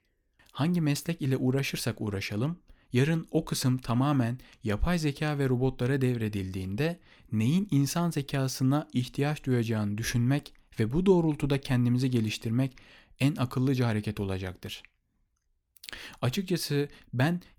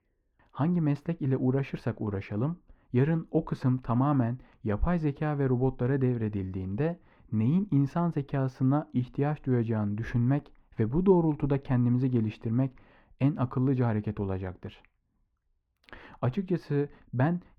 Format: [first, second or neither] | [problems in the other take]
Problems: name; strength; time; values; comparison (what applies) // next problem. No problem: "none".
first | muffled; very; fading above 3.5 kHz